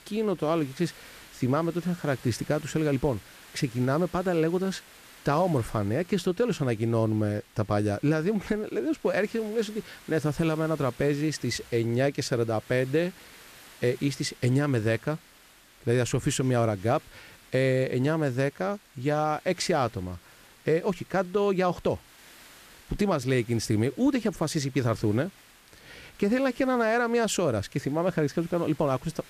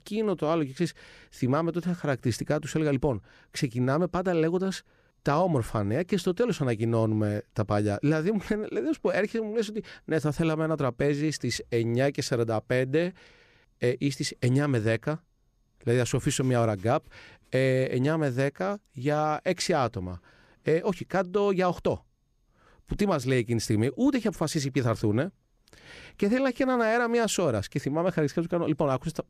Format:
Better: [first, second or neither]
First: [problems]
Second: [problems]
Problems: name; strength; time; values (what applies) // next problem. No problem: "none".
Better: second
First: hiss; faint; throughout; 25 dB below the speech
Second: none